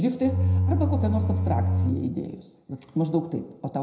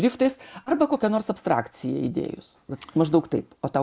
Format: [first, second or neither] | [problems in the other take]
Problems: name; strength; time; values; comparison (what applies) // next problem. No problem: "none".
second | background sound (Bowed string instrument); 4 dB above the speech // room echo; dies away in 0.7 s